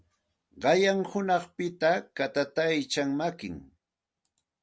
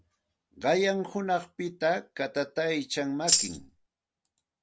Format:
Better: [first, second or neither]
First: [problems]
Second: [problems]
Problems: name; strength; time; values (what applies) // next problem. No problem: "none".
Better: first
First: none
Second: background sound (Tambourine); 4 dB above the speech